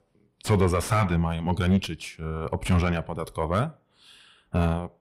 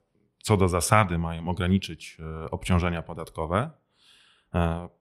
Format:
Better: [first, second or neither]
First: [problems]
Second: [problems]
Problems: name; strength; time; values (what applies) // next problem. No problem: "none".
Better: second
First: distortion; heavy; 7 dB below the speech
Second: none